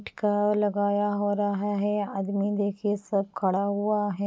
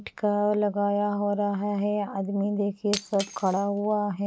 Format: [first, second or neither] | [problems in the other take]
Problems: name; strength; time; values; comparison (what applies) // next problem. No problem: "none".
first | background sound (Shatter); 18 dB below the speech